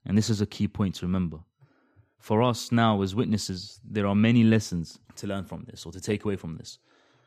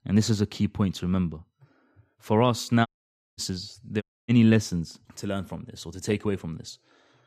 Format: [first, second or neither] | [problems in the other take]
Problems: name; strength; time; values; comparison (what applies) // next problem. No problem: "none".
first | audio cutting out; at 3 s for 0.5 s and at 4 s